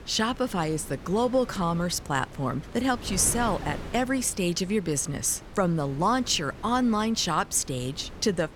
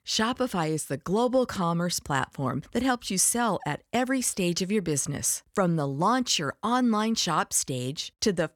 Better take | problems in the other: second | wind noise on the microphone; occasional gusts; 15 dB below the speech

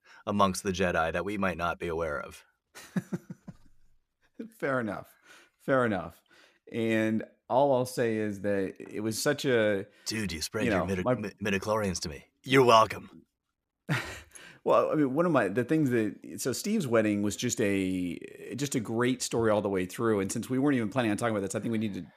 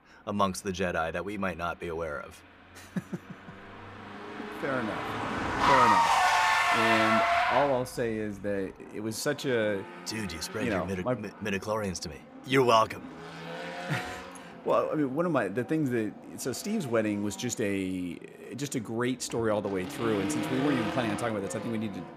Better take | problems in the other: first | traffic noise; very loud; throughout; 3 dB above the speech

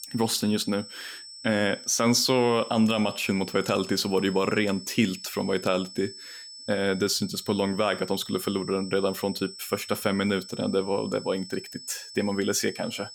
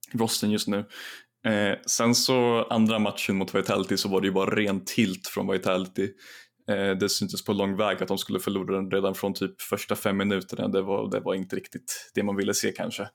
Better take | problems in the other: second | high-pitched whine; noticeable; throughout; 5.5 kHz, 15 dB below the speech

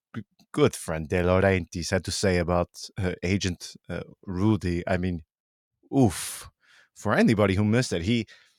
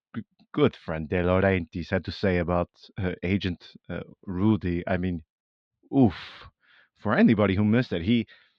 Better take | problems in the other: first | muffled; slightly; fading above 4 kHz

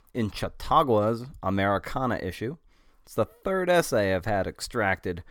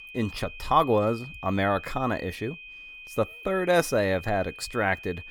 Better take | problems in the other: first | high-pitched whine; noticeable; throughout; 2.5 kHz, 15 dB below the speech

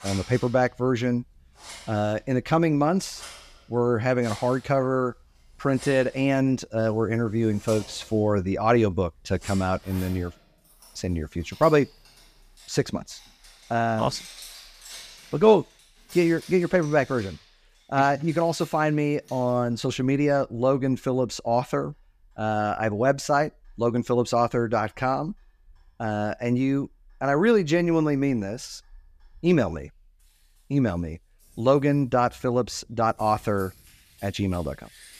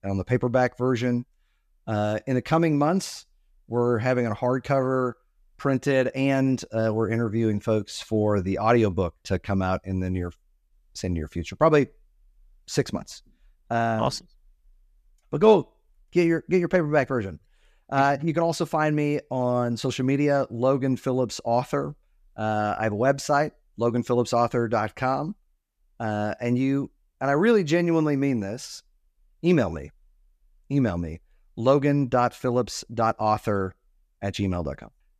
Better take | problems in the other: second | household noises; faint; throughout; 20 dB below the speech

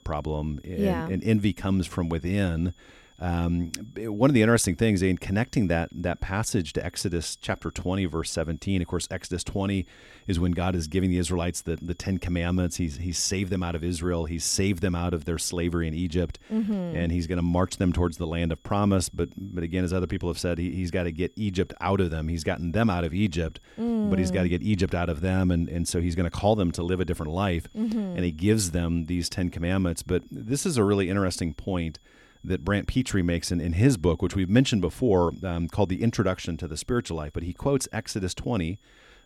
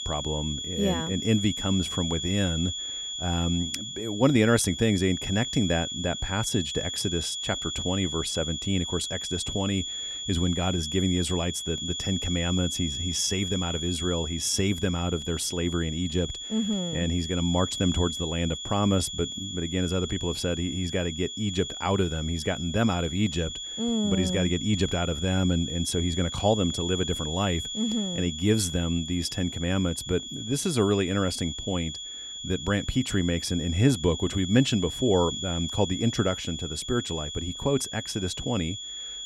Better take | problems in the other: first | high-pitched whine; loud; throughout; 3.5 kHz, 5 dB below the speech; faint in the first

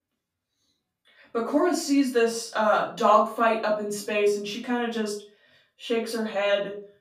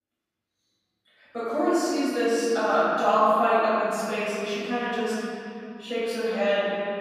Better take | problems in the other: first | room echo; strong; dies away in 2.9 s; slight in the first // off-mic speech; far; far in the first

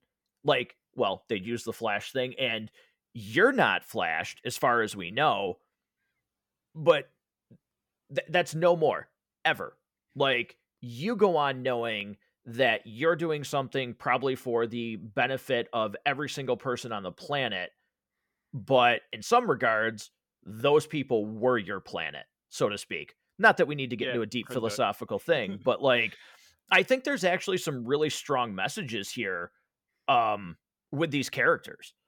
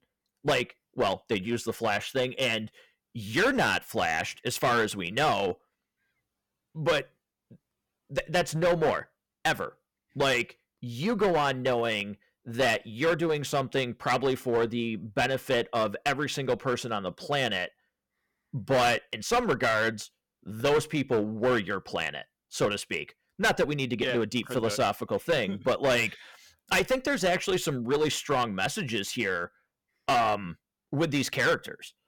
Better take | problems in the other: first | distortion; heavy; 9% of the sound clipped

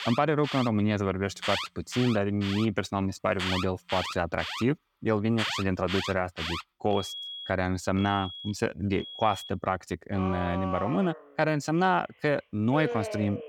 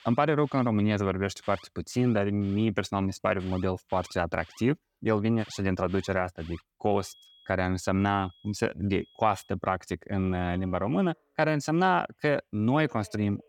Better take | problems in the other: second | alarms or sirens; loud; throughout; 7 dB below the speech; faint in the second

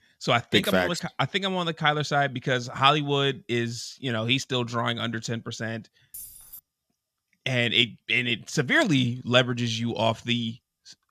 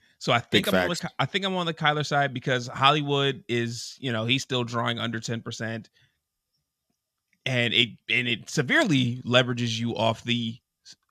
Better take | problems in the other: second | jangling keys; faint; at 6 s; peak 15 dB below the speech

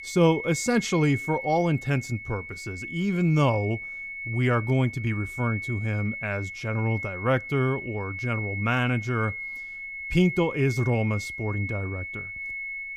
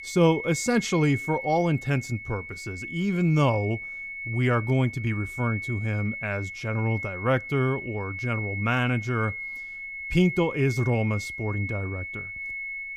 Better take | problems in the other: neither | high-pitched whine; loud; throughout; 2 kHz, 8 dB below the speech; the same in both

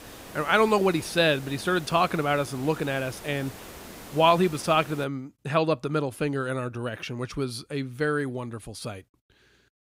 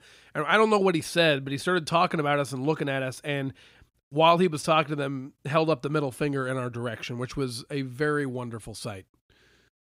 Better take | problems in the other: second | hiss; noticeable; until 5 s; 15 dB below the speech

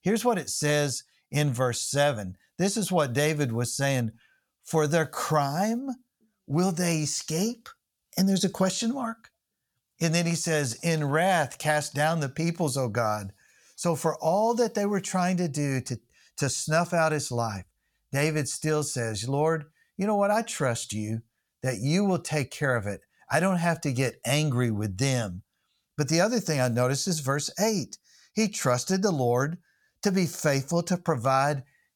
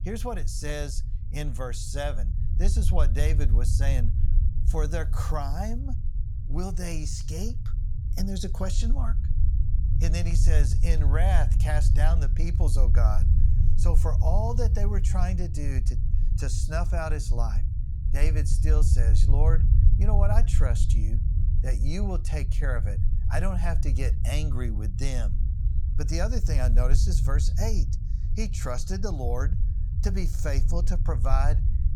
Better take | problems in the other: first | low rumble; loud; throughout; 9 dB below the speech

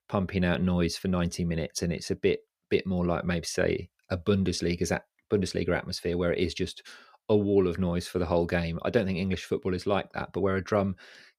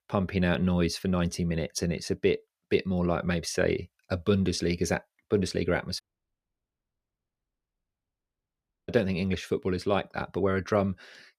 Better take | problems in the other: first | audio cutting out; at 6 s for 3 s

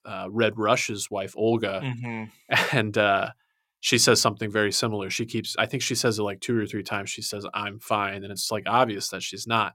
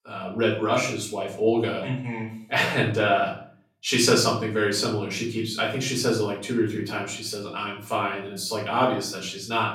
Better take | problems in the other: first | off-mic speech; far // room echo; slight; dies away in 0.4 s

